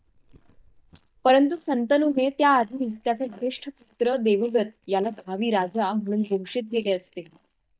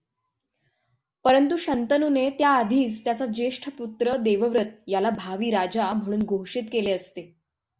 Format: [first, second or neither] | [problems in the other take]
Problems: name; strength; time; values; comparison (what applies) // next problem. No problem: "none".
second | noise reduction (neural mask model DeepFilterNet 3)